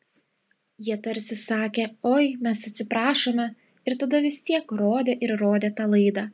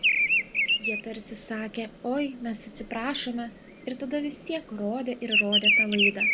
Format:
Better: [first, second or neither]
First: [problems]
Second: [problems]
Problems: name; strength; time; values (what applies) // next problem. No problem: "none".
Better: first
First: none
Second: background sound (Bird vocalization, bird call, bird song); 4 dB above the speech